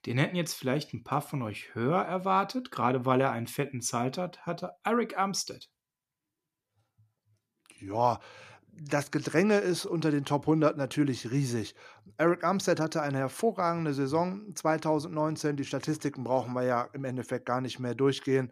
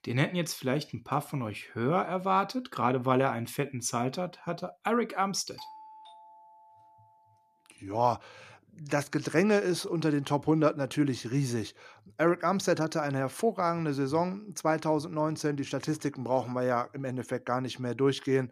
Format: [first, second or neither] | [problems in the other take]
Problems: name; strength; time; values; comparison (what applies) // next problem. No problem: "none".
first | doorbell; faint; from 5.5 to 7 s; peak 15 dB below the speech